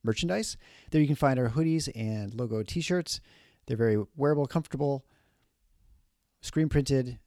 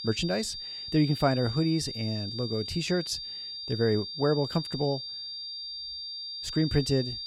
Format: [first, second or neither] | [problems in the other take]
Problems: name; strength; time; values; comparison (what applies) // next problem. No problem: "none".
first | high-pitched whine; loud; throughout; 4.5 kHz, 6 dB below the speech